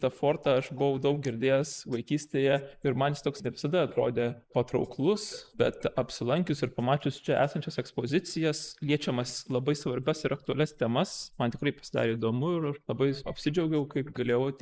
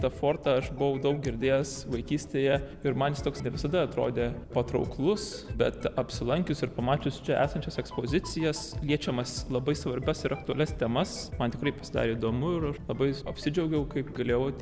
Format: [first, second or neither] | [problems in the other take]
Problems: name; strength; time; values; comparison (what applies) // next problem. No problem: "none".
second | noise reduction (neural mask model Resemble Enhance denoiser)